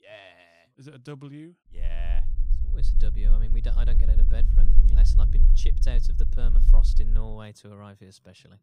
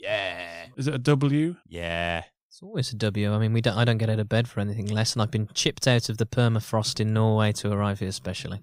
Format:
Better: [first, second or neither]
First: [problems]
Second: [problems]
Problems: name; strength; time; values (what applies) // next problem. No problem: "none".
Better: second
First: low rumble; loud; from 2 to 7.5 s; 4 dB below the speech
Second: none